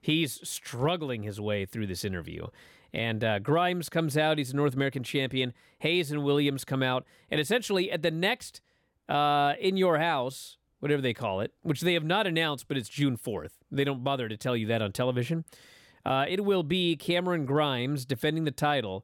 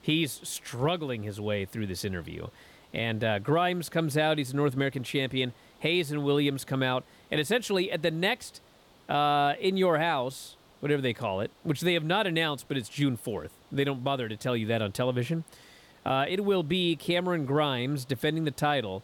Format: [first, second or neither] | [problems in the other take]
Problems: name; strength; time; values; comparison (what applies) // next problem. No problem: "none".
first | hiss; faint; throughout; 30 dB below the speech